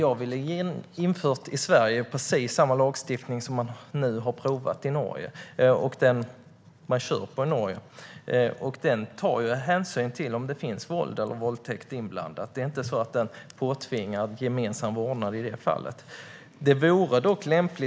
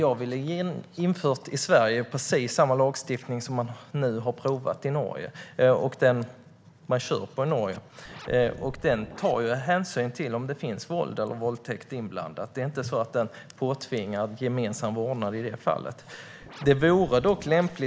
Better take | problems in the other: first | background sound (Scratching (performance technique)); 17 dB below the speech

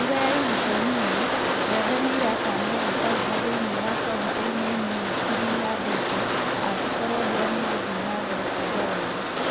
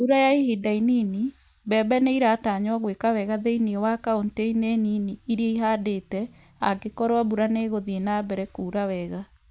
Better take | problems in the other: second | background sound (Rain); 4 dB above the speech

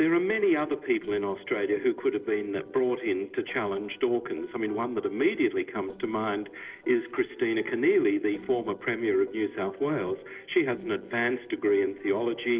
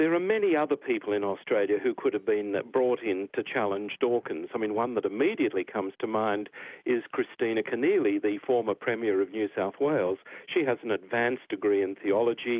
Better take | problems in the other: second | noise reduction (neural separator model SepFormer DNS4)

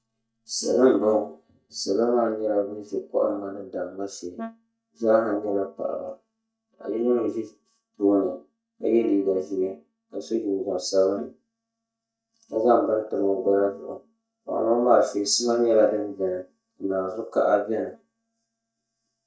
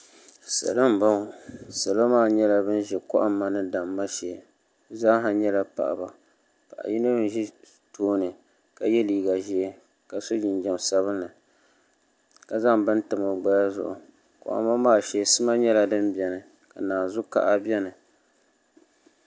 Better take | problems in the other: second | noise reduction (neural mask model DeepFilterNet 3)

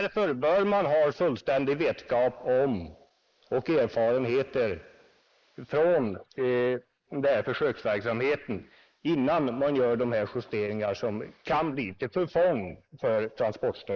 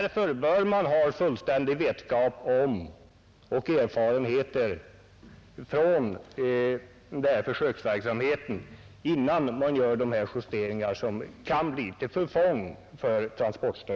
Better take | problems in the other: second | noise reduction (neural mask model Resemble Enhance denoiser)

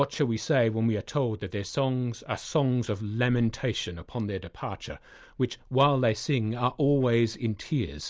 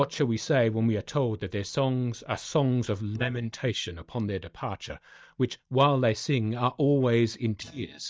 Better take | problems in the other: first | noise reduction (neural mask model DeepFilterNet 3)

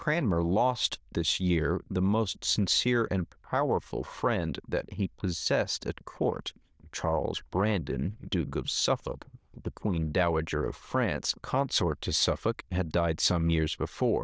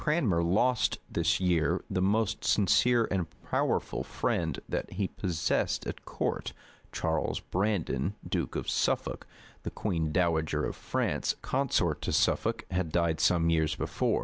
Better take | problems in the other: second | noise reduction (neural diffusion model UNIVERSE++)

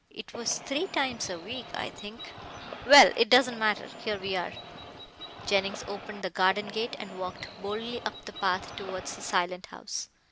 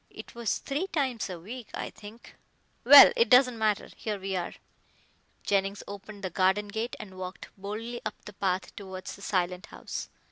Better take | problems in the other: second | background sound (Bird); 14 dB below the speech

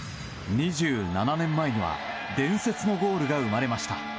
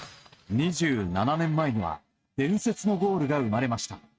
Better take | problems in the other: first | noise reduction (neural mask model RNNoise)

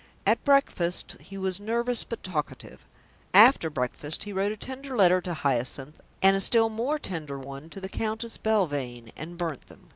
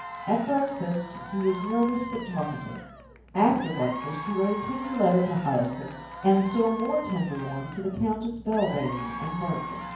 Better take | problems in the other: first | background sound (Applause / Crowd / Cheering); 11 dB below the speech // room echo; dies away in 0.9 s

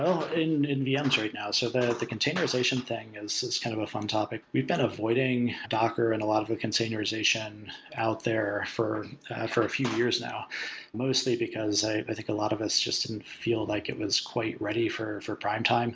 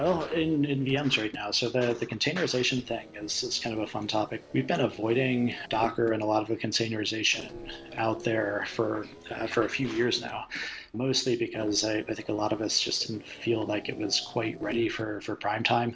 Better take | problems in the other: first | noise reduction (neural separator model SepFormer DNS4)

